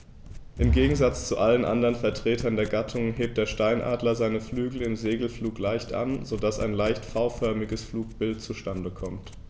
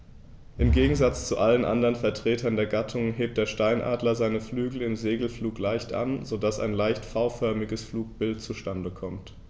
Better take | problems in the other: second | background sound (Domestic sounds, home sounds); 15 dB below the speech

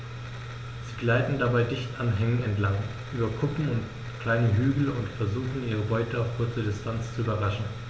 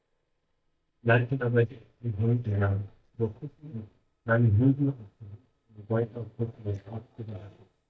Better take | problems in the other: first | noise reduction (neural mask model DeepFilterNet 3)

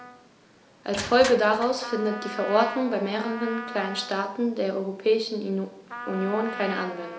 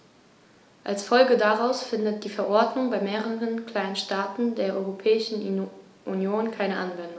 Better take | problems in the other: second | background sound (Crushing + Trumpet); 12 dB below the speech

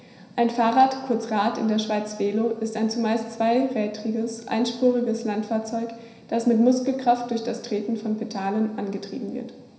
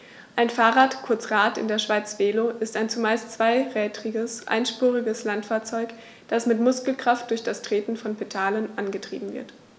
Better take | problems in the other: second | room echo; dies away in 0.9 s

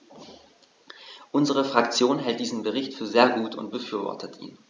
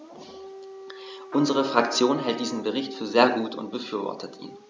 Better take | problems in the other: first | background sound (Trumpet + Siren / Dog); 14 dB below the speech

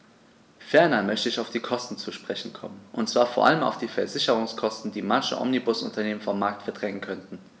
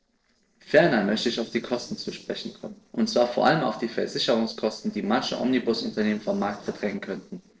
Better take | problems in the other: first | noise reduction (neural separator model SepFormer DNS4)

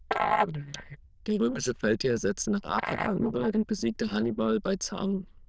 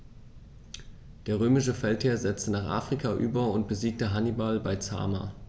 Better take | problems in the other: second | noise reduction (neural diffusion model UNIVERSE++)

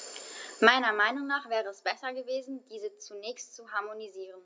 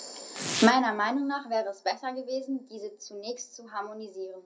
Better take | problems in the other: first | background sound (Domestic sounds, home sounds); 10 dB below the speech // room echo; dies away in 0.3 s

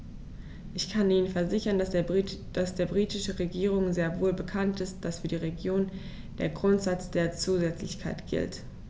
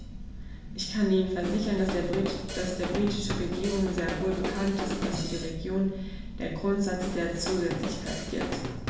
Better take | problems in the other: first | background sound (Drum kit); 7 dB below the speech // room echo; dies away in 0.9 s

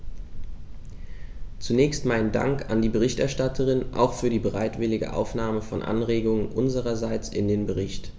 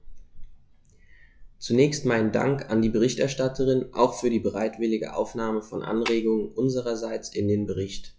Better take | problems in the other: first | noise reduction (classical method log-MMSE)

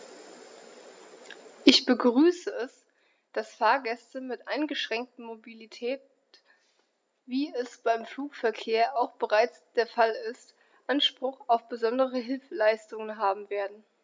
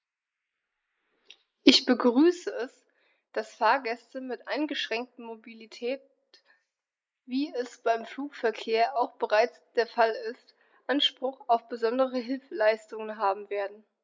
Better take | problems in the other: first | noise reduction (neural mask model Resemble Enhance denoiser)

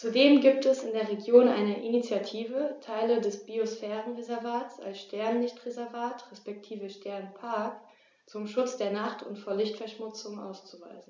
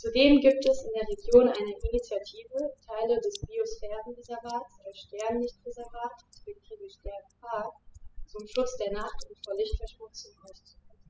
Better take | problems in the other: first | noise reduction (classical method spectral subtraction)

